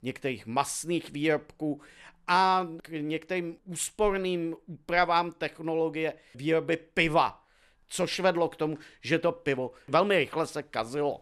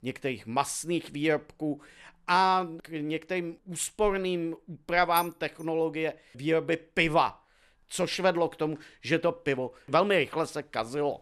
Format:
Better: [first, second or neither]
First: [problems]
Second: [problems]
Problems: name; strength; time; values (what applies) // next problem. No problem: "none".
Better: first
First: none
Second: jangling keys; noticeable; at 5 s; peak 9 dB below the speech